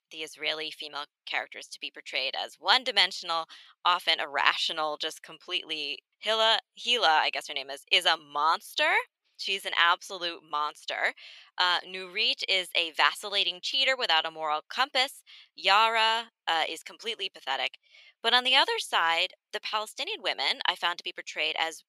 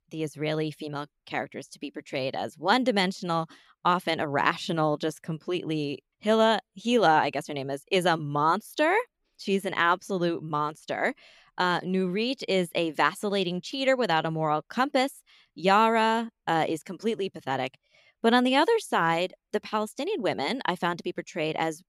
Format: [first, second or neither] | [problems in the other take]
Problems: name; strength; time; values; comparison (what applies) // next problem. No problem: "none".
second | thin; very; fading below 800 Hz